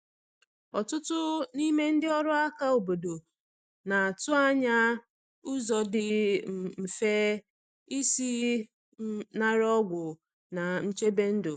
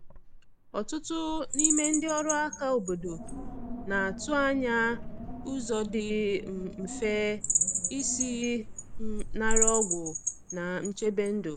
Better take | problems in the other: first | background sound (Bird vocalization, bird call, bird song + Wind); 2 dB below the speech

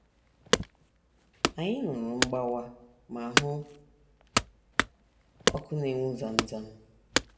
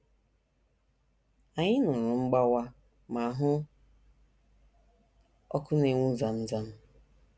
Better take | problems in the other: second | background sound (Wood / Domestic sounds, home sounds); 3 dB above the speech // room echo; dies away in 0.7 s

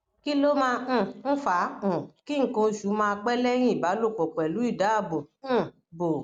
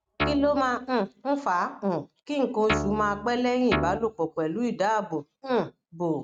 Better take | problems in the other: first | noise reduction (neural mask model RNNoise)

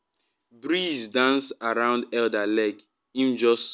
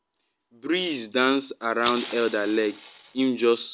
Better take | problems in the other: first | background sound (Fire); 13 dB below the speech

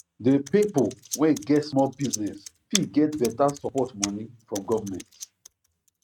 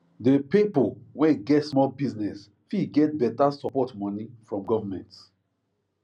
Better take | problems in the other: second | noise reduction (neural mask model RNNoise)

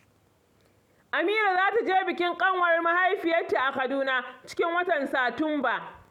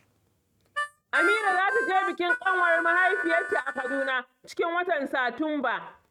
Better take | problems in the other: first | noise reduction (neural mask model RNNoise)

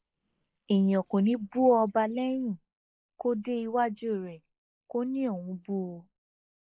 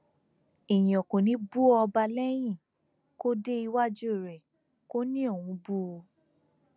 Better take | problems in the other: second | noise reduction (neural mask model Resemble Enhance denoiser)

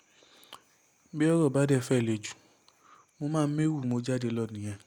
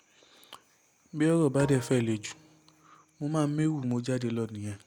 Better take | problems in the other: first | background sound (Bowed string instrument); 19 dB below the speech

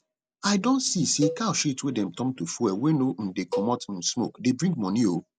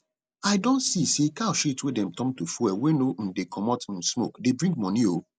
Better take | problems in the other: second | background sound (Cowbell); 11 dB below the speech

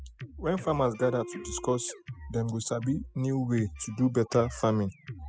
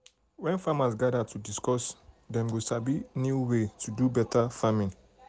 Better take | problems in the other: second | noise reduction (classical method spectral subtraction)

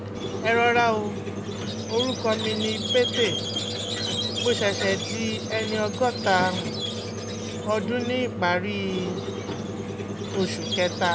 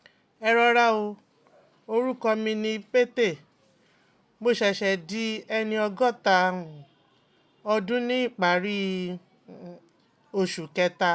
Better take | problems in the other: second | background sound (Squeak); 3 dB below the speech

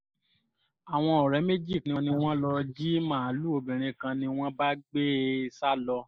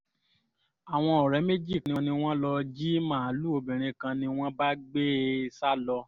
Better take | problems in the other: second | noise reduction (neural mask model Resemble Enhance denoiser)

